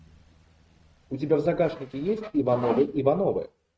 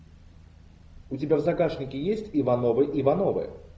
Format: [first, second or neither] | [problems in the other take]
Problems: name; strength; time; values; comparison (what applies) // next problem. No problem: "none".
second | noise reduction (neural mask model RNNoise)